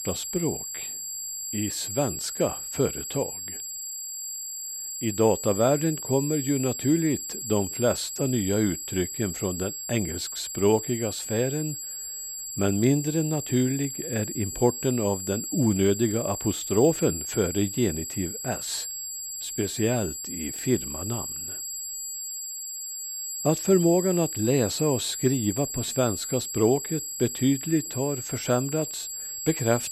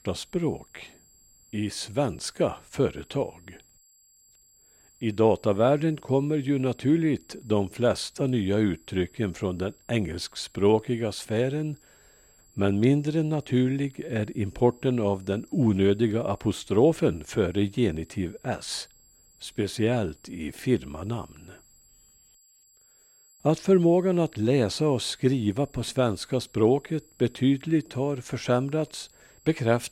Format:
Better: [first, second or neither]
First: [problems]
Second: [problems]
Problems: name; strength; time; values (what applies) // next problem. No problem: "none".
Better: second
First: high-pitched whine; loud; throughout; 7.5 kHz, 5 dB below the speech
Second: high-pitched whine; faint; throughout; 7.5 kHz, 30 dB below the speech